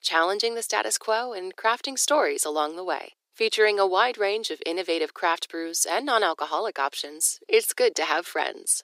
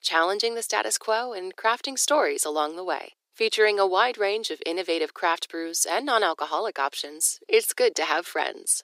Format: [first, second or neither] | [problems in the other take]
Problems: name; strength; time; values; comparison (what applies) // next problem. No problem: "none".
neither | thin; very; fading below 400 Hz; the same in both